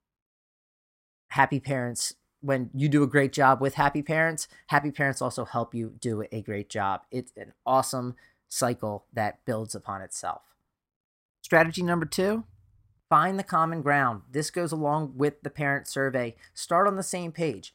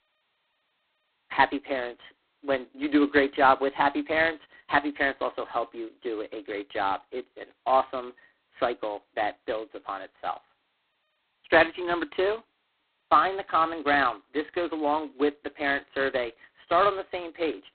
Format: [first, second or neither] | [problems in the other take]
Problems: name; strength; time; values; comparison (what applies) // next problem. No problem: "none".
first | phone-call audio; poor line; nothing above 4 kHz